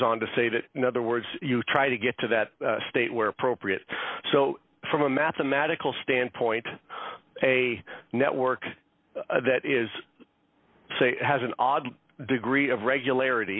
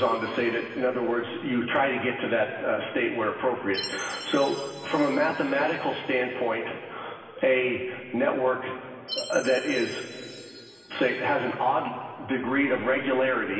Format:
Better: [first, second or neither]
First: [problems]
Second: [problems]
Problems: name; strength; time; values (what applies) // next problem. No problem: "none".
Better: first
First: none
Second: background sound (Chime); 18 dB below the speech // room echo; dies away in 2.5 s